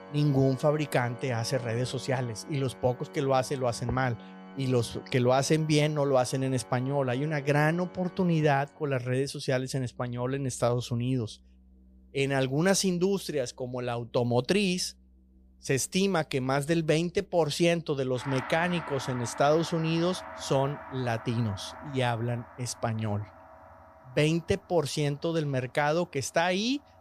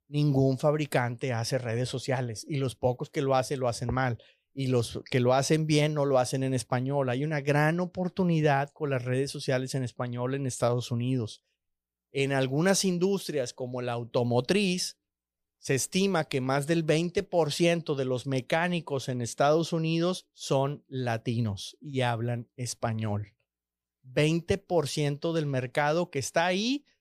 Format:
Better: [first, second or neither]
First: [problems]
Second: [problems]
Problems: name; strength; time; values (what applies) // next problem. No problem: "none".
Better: second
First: background music; noticeable; throughout; 15 dB below the speech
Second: none